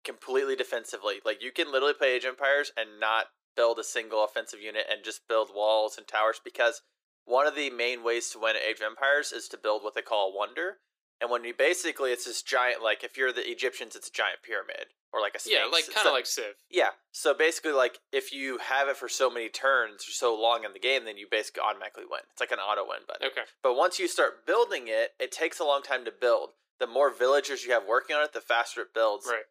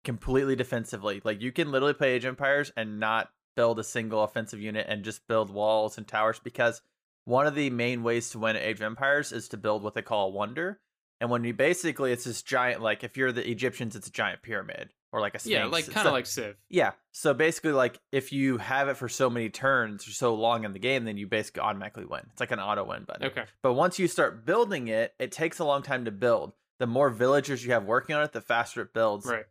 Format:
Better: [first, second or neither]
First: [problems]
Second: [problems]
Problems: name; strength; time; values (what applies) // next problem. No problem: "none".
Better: second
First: thin; very; fading below 350 Hz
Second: none